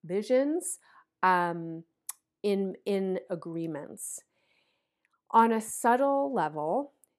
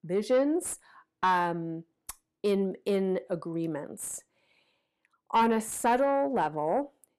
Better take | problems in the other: first | distortion; slight; 10 dB below the speech

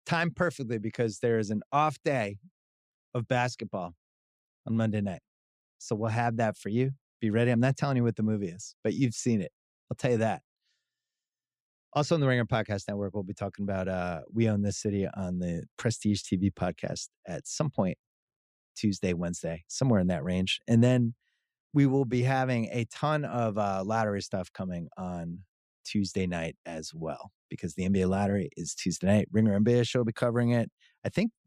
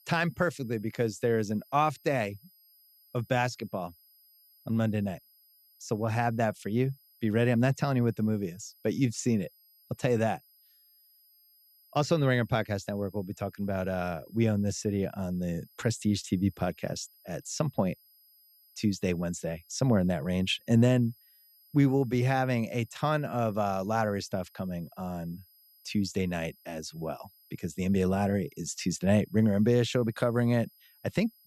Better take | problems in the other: first | high-pitched whine; faint; throughout; 11.5 kHz, 30 dB below the speech

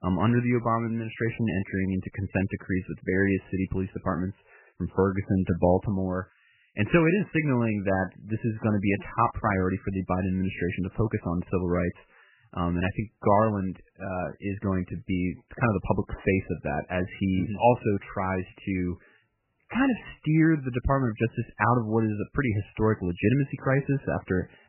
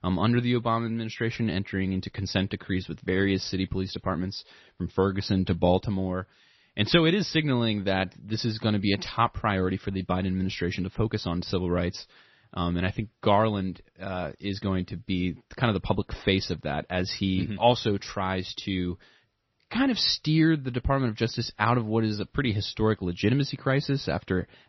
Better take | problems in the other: second | garbled, watery; badly; nothing above 3 kHz; slightly in the second

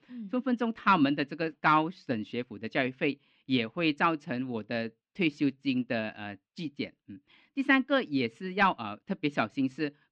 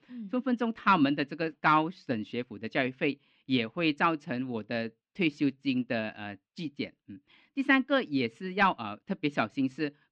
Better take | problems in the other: neither | muffled; slightly; fading above 4 kHz; the same in both

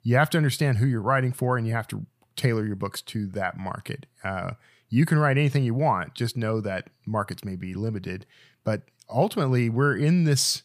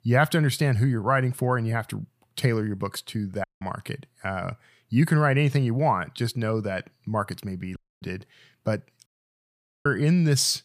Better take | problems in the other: first | audio cutting out; at 3.5 s, at 8 s and at 9 s for 1 s

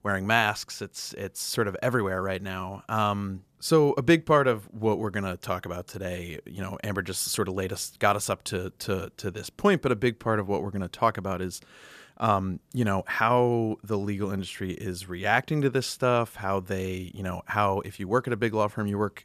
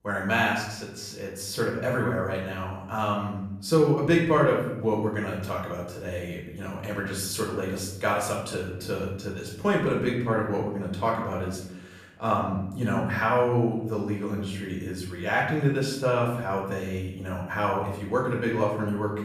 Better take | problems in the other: first | room echo; noticeable; dies away in 0.8 s // off-mic speech; far

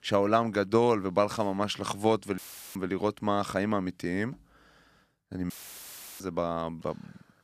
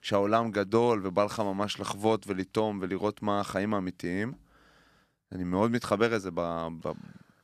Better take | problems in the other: second | audio cutting out; filled with static; at 2.5 s and at 5.5 s for 0.5 s

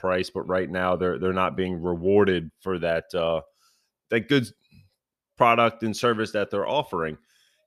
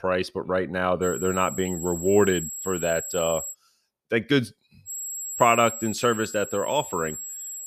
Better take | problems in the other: first | high-pitched whine; loud; from 1 to 3.5 s and from 5 s on; 7.5 kHz, 8 dB below the speech

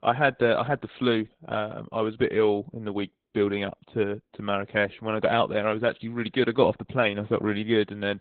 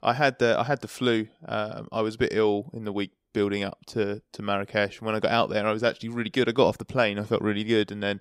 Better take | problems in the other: second | garbled, watery; badly; nothing above 3.5 kHz

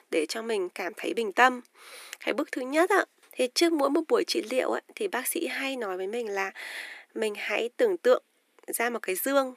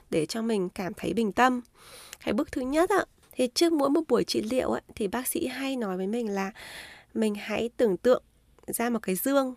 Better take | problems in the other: second | thin; somewhat; fading below 300 Hz

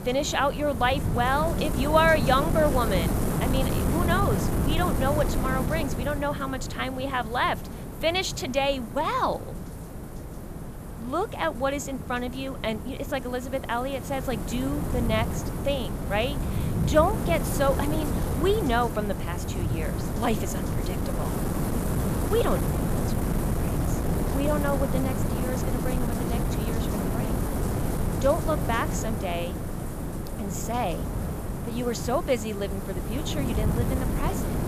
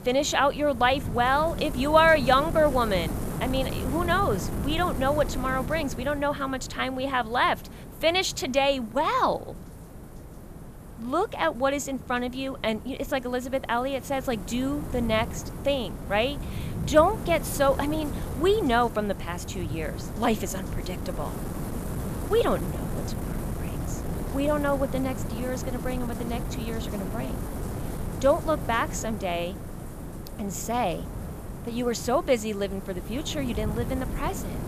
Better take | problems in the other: second | wind noise on the microphone; heavy; 8 dB below the speech; occasional gusts in the second

